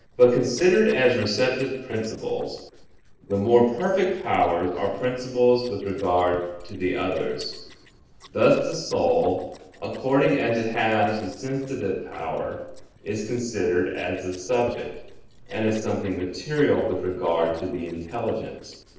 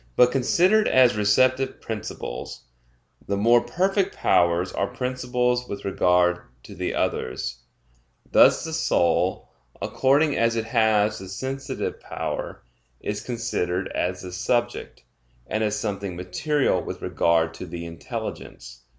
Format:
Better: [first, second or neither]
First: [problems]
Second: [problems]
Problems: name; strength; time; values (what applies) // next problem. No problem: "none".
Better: second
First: noise reduction (neural separator model SepFormer DNS4)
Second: none